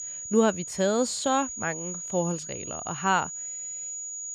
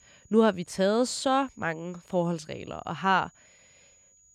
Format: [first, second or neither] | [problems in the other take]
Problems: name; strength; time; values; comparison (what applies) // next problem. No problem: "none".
second | high-pitched whine; loud; throughout; 7 kHz, 6 dB below the speech; faint in the second